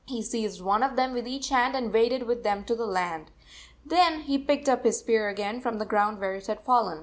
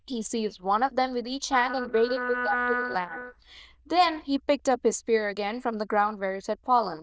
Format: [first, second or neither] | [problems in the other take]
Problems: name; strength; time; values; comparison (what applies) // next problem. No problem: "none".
first | noise reduction (neural diffusion model UNIVERSE++)